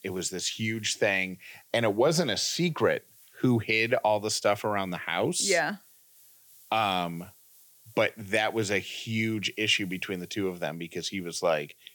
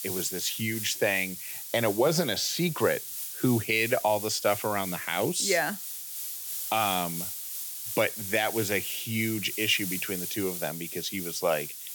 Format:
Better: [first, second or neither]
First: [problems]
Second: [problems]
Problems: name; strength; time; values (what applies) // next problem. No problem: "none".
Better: first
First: hiss; faint; throughout; 25 dB below the speech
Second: hiss; loud; throughout; 6 dB below the speech